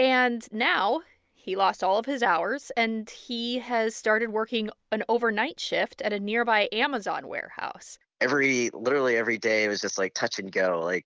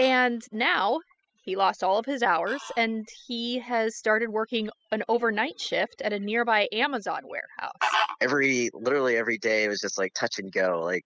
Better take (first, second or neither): first